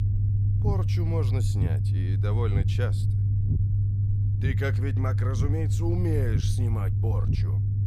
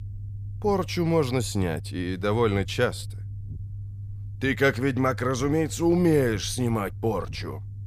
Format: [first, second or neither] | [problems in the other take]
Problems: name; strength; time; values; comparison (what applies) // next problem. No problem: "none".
second | low rumble; loud; throughout; 3 dB below the speech; faint in the second